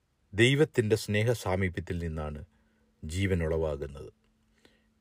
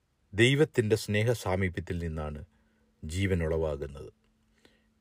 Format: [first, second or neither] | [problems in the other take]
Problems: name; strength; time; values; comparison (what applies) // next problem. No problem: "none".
neither | none